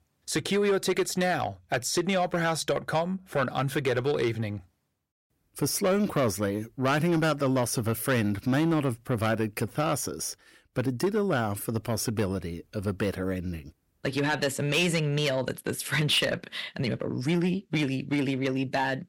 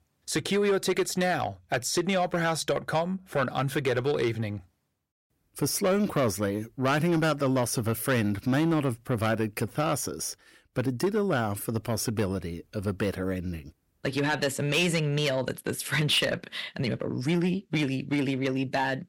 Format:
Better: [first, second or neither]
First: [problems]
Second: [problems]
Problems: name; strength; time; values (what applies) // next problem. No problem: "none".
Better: neither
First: distortion; slight; 10 dB below the speech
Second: distortion; slight; 10 dB below the speech